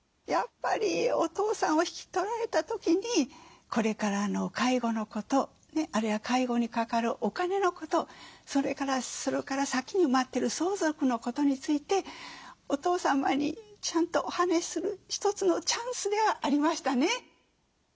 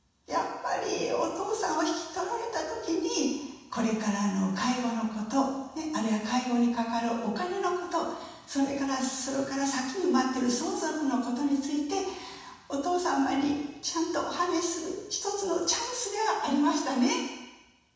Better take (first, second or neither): first